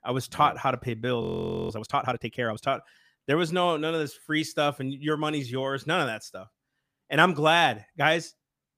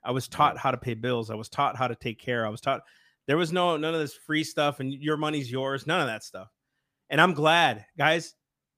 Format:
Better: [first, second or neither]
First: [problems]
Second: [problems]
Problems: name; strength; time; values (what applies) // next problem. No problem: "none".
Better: second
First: audio freezing; at 1 s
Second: none